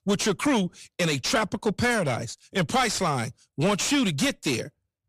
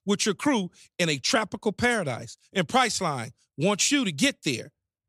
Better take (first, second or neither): second